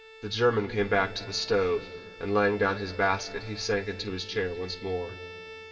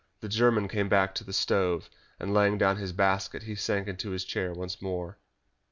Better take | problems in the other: second | background sound (Bowed string instrument); 17 dB below the speech // room echo; dies away in 2.9 s

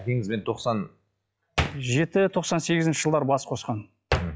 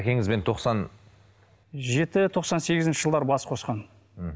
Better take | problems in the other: second | noise reduction (classical method log-MMSE)

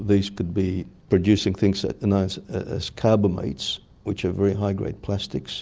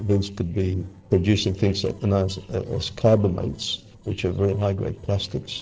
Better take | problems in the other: first | noise reduction (neural separator model SepFormer DNS4)

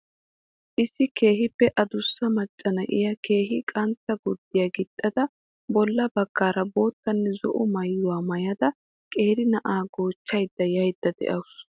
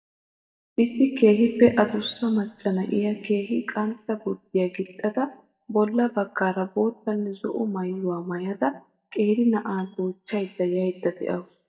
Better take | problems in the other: first | noise reduction (neural mask model DeepFilterNet 3)

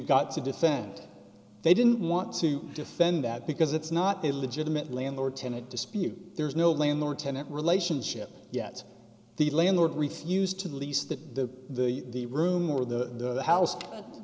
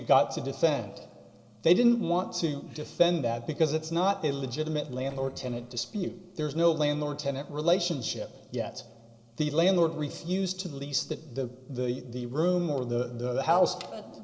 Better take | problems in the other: first | noise reduction (neural separator model SepFormer DNS4)

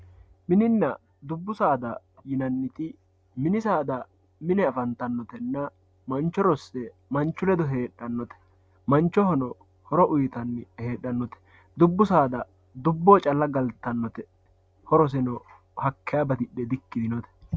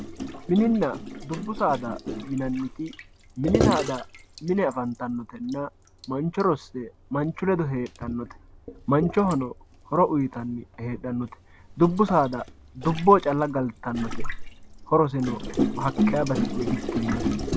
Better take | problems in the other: first | background sound (Gurgling); 5 dB below the speech

